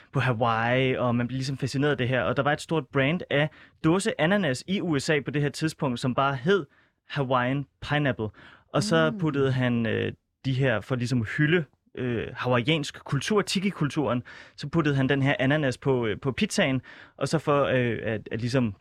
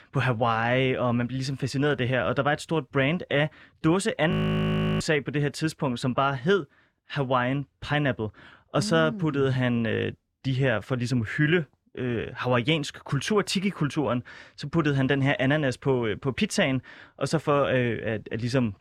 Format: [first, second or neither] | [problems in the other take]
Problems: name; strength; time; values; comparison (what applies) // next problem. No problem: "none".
first | audio freezing; at 4.5 s for 0.5 s